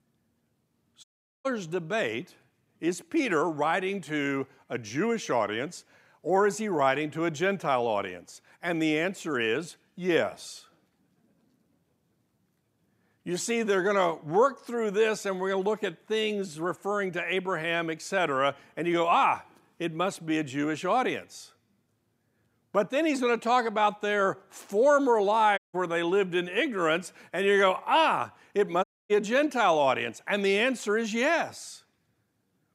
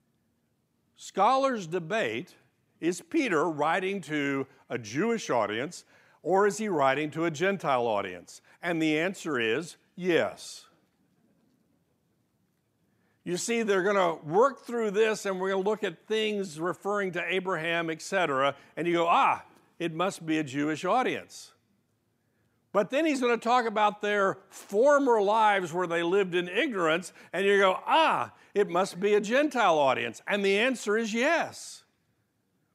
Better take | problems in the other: second | audio cutting out; at 1 s, at 26 s and at 29 s

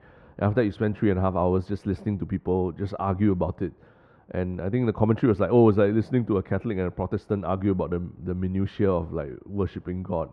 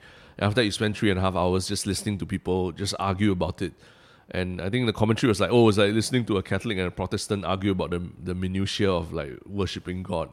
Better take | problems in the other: second | muffled; very; fading above 3 kHz

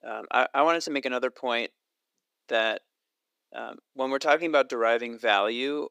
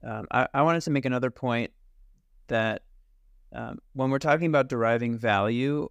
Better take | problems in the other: second | thin; somewhat; fading below 350 Hz

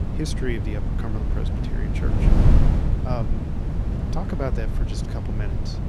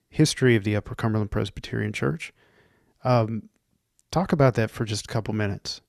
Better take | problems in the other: second | wind noise on the microphone; heavy; as loud as the speech

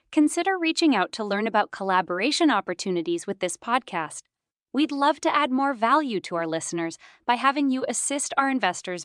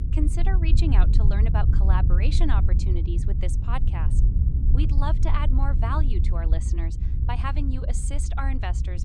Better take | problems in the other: first | low rumble; loud; throughout; 6 dB below the speech

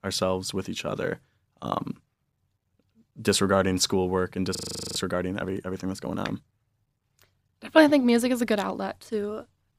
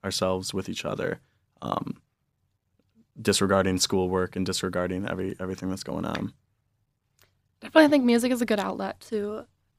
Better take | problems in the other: second | audio freezing; at 4.5 s

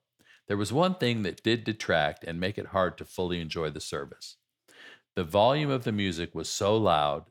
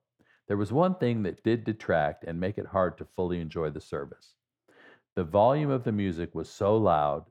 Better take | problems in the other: first | muffled; very; fading above 2 kHz

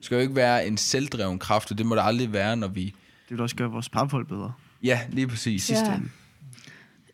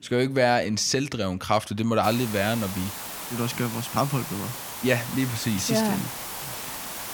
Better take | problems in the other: first | hiss; loud; from 2 s on; 8 dB below the speech

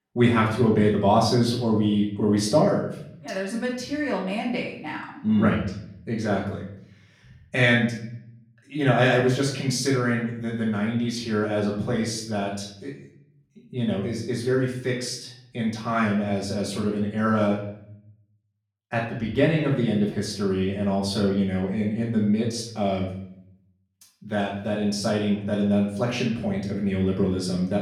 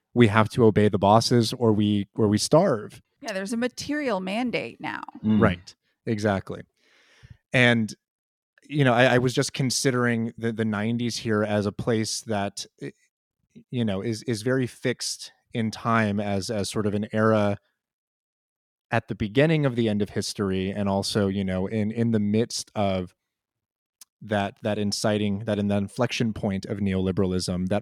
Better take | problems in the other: second | off-mic speech; far // room echo; noticeable; dies away in 0.6 s

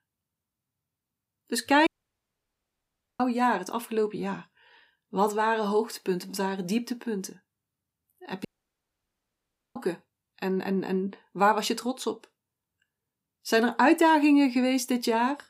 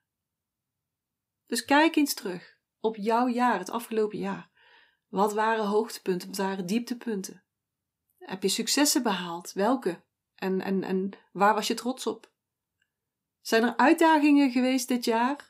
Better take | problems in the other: second | audio cutting out; at 2 s for 1.5 s and at 8.5 s for 1.5 s

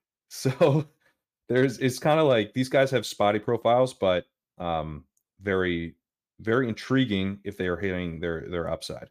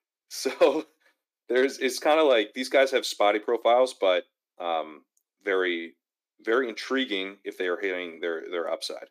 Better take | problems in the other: first | thin; somewhat; fading below 300 Hz

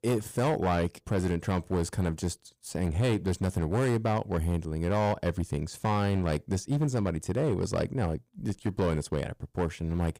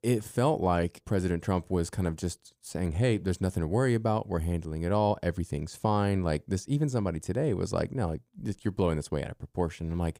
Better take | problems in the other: second | distortion; slight; 10% of the sound clipped

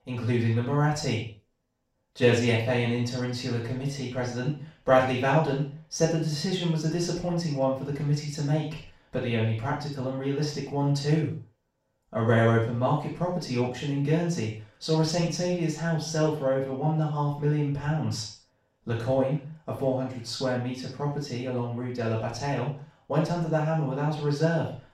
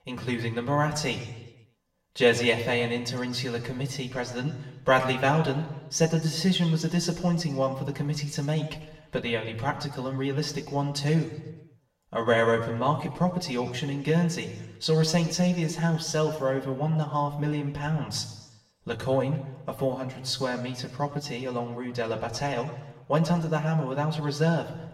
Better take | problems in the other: second | room echo; strong; dies away in 0.4 s; slight in the second // off-mic speech; far; somewhat distant in the second

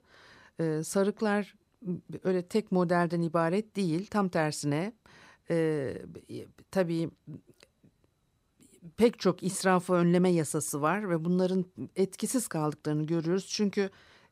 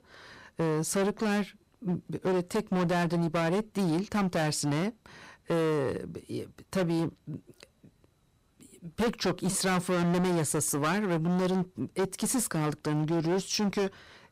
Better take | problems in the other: first | distortion; heavy; 18% of the sound clipped

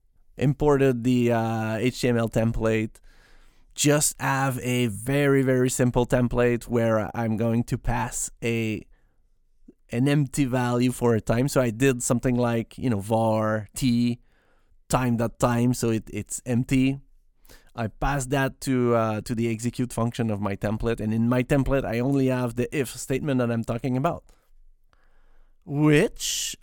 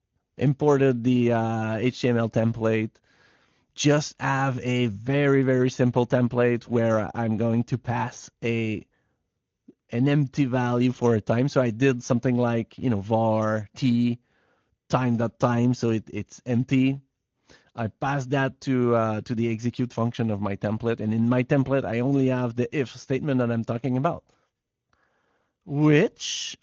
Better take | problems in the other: first | garbled, watery; slightly; nothing above 6.5 kHz

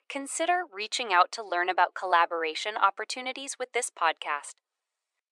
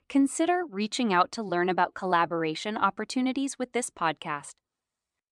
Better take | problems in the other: second | thin; very; fading below 450 Hz

